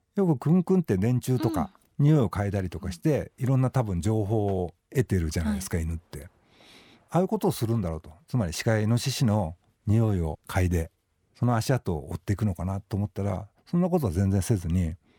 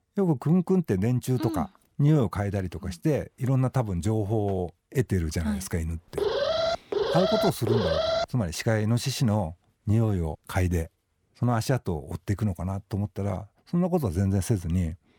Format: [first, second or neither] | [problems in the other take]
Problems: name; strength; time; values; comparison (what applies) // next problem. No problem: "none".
first | alarm; loud; from 6 to 8.5 s; peak 2 dB above the speech